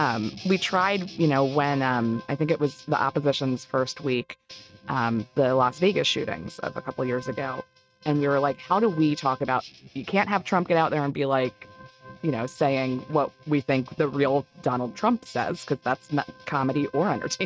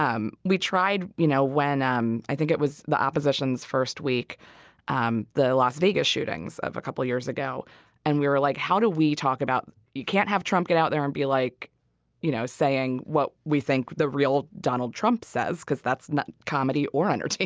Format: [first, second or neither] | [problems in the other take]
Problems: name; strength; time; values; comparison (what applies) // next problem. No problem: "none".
second | noise reduction (neural mask model RNNoise)